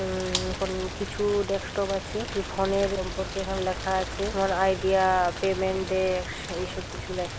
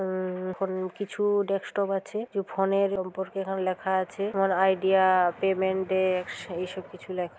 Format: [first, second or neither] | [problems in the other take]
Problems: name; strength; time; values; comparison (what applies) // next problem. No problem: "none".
second | background sound (Rain + Gunshot, gunfire); 7 dB below the speech